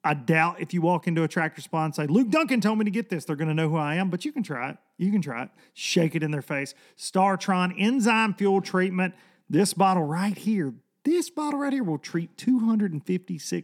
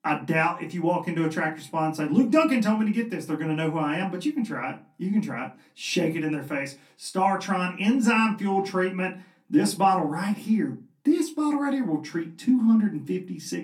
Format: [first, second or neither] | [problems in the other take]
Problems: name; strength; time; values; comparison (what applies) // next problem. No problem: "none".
first | off-mic speech; far // room echo; very slight; dies away in 0.2 s